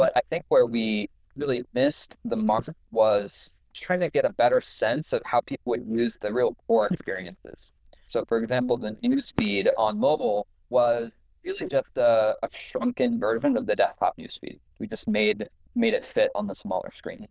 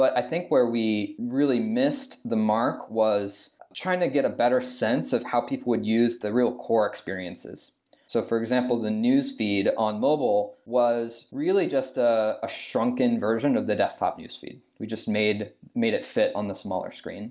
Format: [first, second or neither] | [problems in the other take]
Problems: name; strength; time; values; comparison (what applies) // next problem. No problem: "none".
second | noise reduction (neural diffusion model UNIVERSE++)